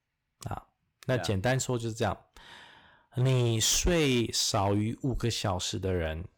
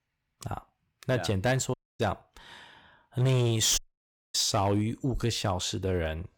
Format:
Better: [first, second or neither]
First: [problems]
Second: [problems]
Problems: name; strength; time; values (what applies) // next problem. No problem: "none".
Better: first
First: none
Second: audio cutting out; at 1.5 s and at 4 s for 0.5 s